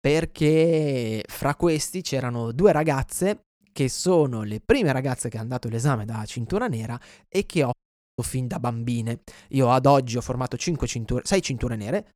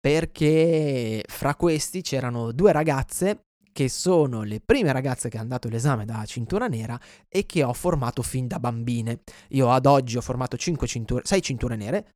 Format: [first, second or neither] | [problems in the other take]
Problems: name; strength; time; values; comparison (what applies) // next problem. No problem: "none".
second | audio cutting out; at 7.5 s